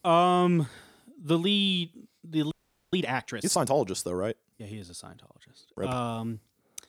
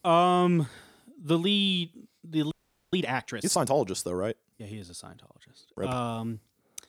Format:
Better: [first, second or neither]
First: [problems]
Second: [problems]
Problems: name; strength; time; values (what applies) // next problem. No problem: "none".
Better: neither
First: audio freezing; at 2.5 s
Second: audio freezing; at 2.5 s